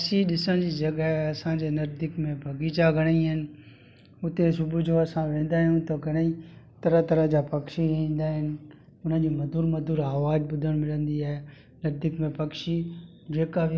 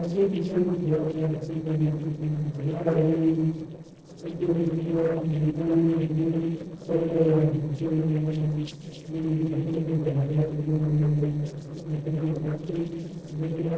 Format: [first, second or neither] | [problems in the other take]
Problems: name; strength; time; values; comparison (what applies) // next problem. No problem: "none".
first | noise reduction (neural separator model SepFormer DNS4)